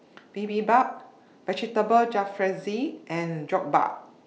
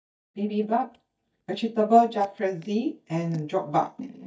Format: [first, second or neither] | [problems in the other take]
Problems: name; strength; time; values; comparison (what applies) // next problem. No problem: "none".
first | noise reduction (neural mask model DeepFilterNet 3)